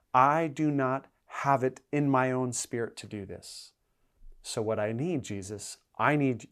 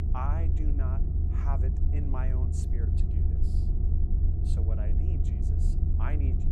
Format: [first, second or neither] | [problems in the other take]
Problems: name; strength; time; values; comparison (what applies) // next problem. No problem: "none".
first | low rumble; loud; throughout; 1 dB below the speech